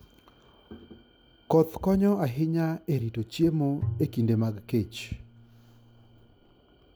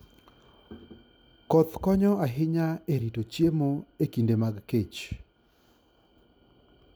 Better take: second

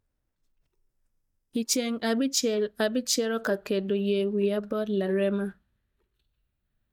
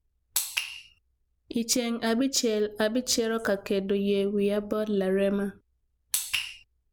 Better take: second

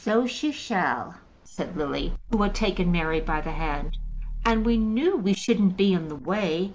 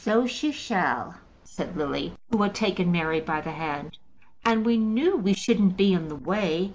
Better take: second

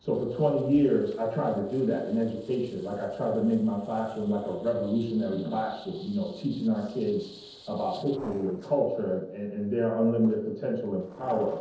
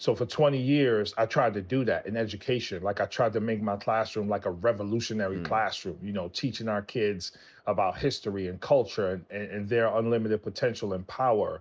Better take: second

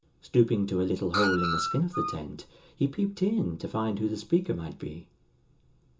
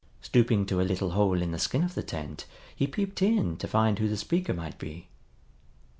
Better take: second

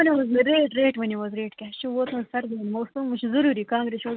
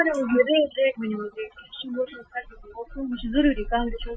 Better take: first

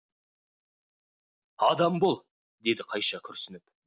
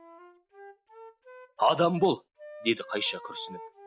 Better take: first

